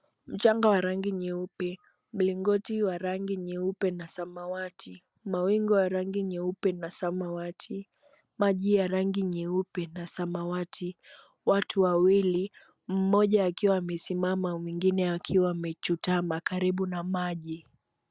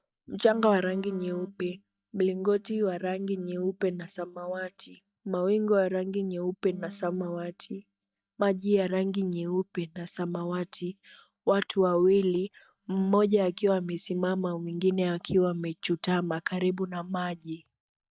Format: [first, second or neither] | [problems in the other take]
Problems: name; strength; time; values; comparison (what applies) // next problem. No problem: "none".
first | noise reduction (neural mask model DeepFilterNet 3)